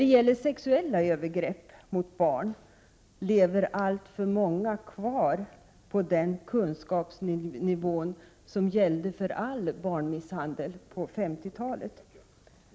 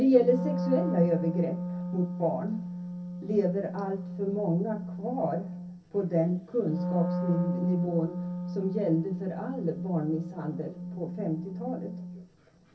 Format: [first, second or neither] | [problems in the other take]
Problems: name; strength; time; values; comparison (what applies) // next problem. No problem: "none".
first | background sound (Wind instrument, woodwind instrument); 5 dB below the speech // room echo; dies away in 0.3 s